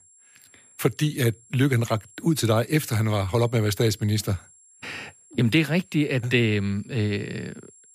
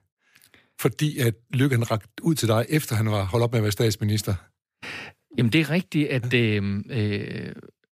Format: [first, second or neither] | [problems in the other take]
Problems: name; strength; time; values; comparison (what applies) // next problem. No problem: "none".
second | high-pitched whine; faint; throughout; 7.5 kHz, 25 dB below the speech